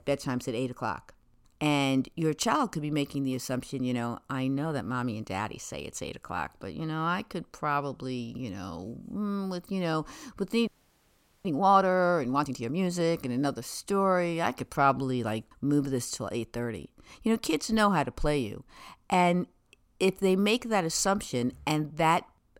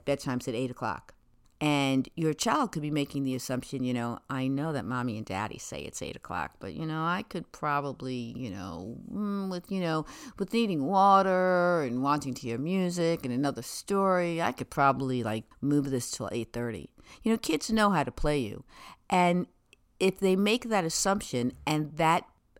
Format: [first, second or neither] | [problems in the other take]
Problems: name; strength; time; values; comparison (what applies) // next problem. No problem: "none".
second | audio freezing; at 11 s for 1 s